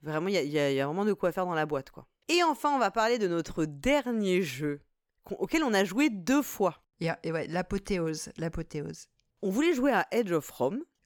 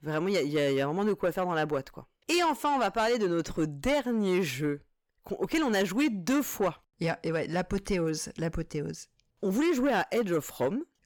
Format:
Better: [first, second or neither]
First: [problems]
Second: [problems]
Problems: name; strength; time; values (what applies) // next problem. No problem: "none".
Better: first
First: none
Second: distortion; slight; 10 dB below the speech